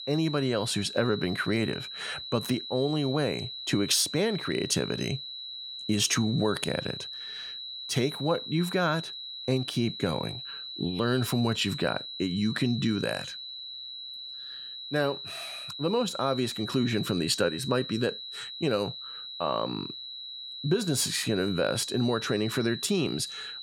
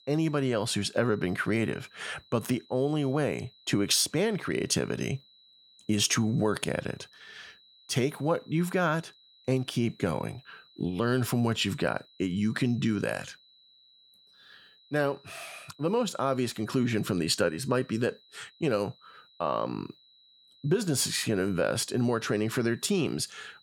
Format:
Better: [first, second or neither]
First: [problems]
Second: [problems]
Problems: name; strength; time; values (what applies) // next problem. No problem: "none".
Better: second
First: high-pitched whine; loud; throughout; 4 kHz, 8 dB below the speech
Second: high-pitched whine; faint; throughout; 4 kHz, 30 dB below the speech